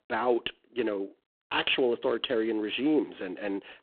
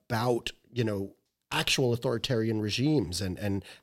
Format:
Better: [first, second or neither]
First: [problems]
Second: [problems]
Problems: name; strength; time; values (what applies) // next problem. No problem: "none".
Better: second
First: phone-call audio; poor line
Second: none